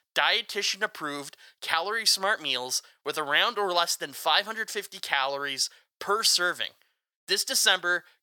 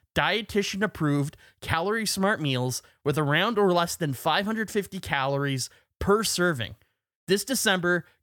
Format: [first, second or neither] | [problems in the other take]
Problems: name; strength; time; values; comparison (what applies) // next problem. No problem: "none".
second | thin; very; fading below 600 Hz